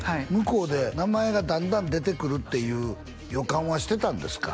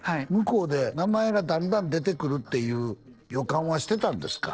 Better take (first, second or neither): first